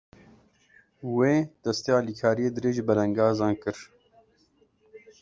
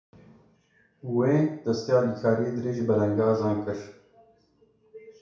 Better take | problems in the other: first | room echo; dies away in 0.6 s

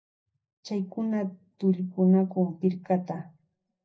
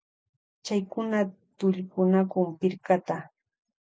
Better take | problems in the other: second | room echo; dies away in 0.5 s

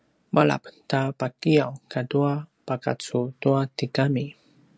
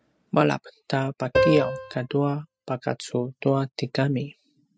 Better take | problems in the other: first | noise reduction (classical method spectral subtraction)

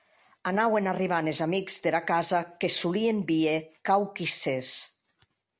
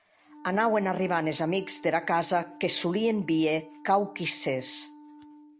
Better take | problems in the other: first | background sound (Wind instrument, woodwind instrument); 20 dB below the speech

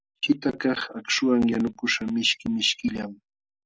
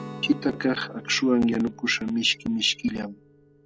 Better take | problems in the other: first | background sound (Guitar); 17 dB below the speech

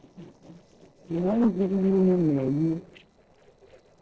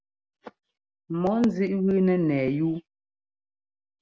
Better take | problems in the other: second | noise reduction (neural separator model SepFormer DNS4)

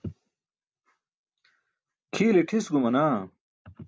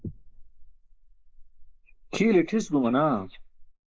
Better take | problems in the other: first | noise reduction (neural mask model Resemble Enhance denoiser)

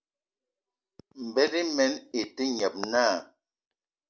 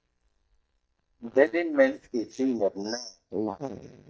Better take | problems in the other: first | noise reduction (neural mask model DeepFilterNet 3)

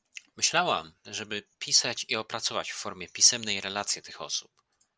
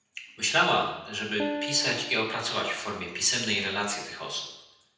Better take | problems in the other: first | background sound (Piano); 11 dB below the speech // room echo; dies away in 0.8 s

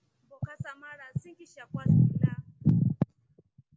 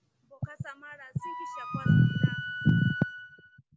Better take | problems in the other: first | background sound (Wind instrument, woodwind instrument); 9 dB below the speech

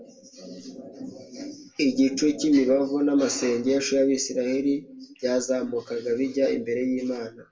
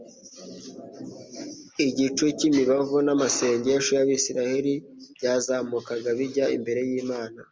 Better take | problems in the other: second | room echo; dies away in 0.2 s

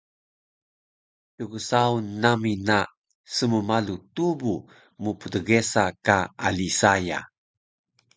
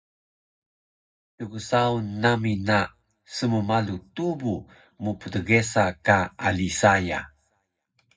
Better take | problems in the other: first | room echo; dies away in 0.3 s

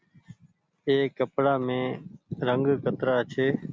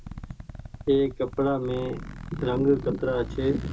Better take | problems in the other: first | background sound (Zipper (clothing)); 11 dB below the speech // room echo; dies away in 0.2 s

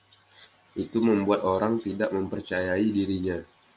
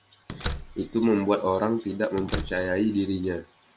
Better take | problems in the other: first | background sound (Slam); 11 dB below the speech

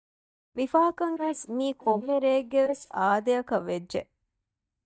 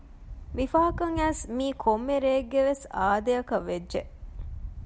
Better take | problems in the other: second | noise reduction (neural mask model DeepFilterNet 3)

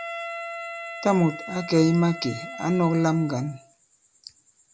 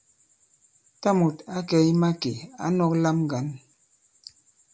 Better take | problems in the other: second | background sound (Wind instrument, woodwind instrument); 12 dB below the speech

